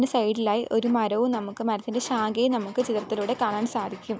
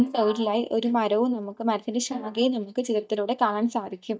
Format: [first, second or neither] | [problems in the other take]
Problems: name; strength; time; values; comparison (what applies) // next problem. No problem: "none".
first | noise reduction (neural mask model DeepFilterNet 3)